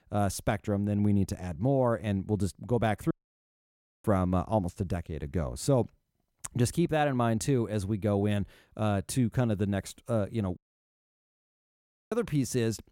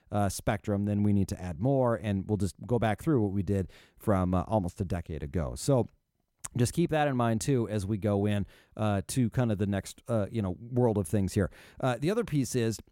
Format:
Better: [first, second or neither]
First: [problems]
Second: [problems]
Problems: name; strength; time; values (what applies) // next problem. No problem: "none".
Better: second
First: audio cutting out; at 3 s for 1 s and at 11 s for 1.5 s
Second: none